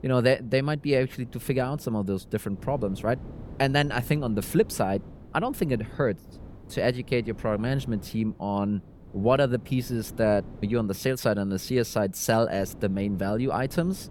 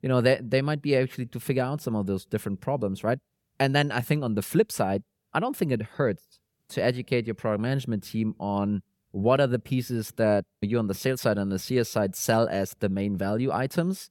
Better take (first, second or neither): second